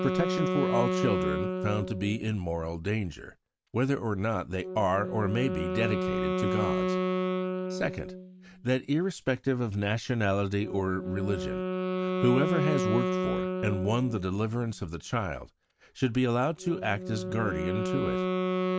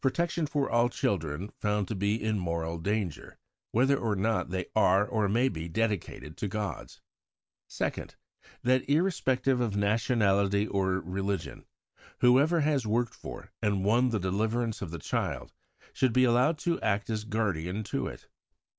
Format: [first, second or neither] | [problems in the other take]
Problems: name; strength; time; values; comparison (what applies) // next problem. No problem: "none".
second | background sound (Wind instrument, woodwind instrument); 2 dB below the speech